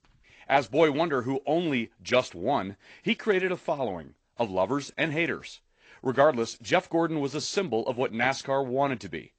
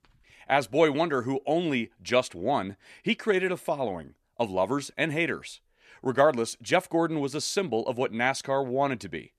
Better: second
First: garbled, watery; slightly; nothing above 7.5 kHz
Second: none

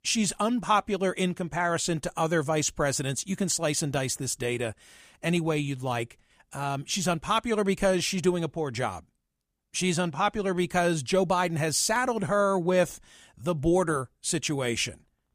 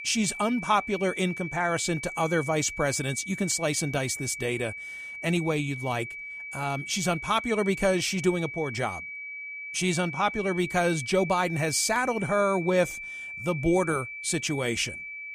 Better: first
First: none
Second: high-pitched whine; loud; throughout; 2.5 kHz, 9 dB below the speech

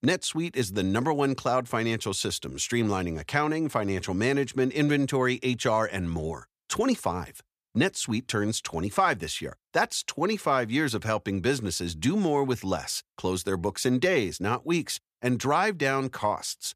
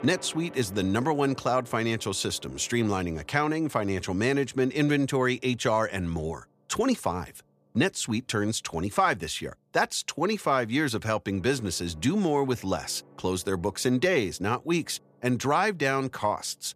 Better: first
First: none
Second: background music; faint; throughout; 25 dB below the speech

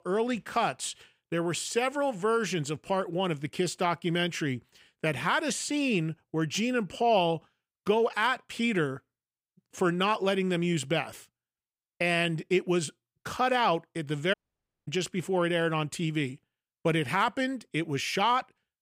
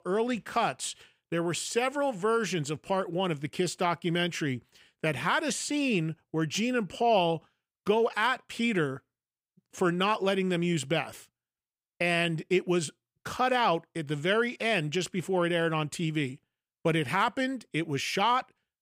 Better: second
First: audio cutting out; at 14 s for 0.5 s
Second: none

